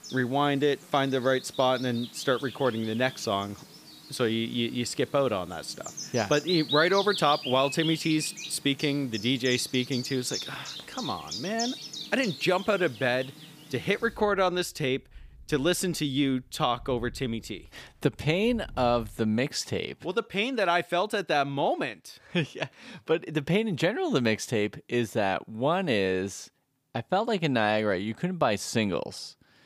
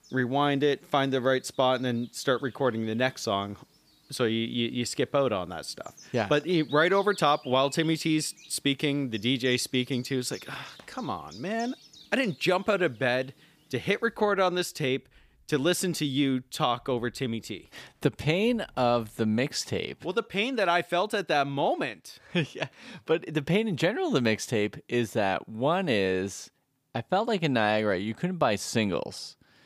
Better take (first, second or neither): second